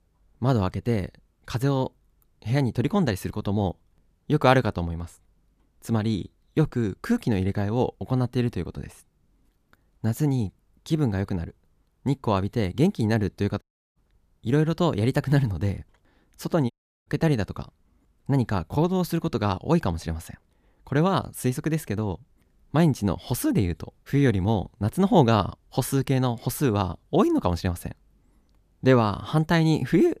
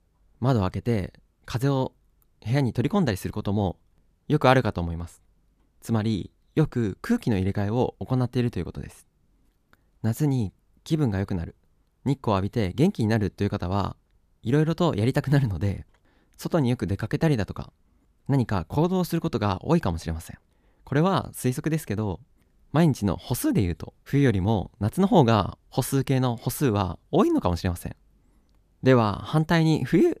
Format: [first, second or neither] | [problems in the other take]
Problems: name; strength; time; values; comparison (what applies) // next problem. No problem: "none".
second | audio cutting out; at 14 s and at 17 s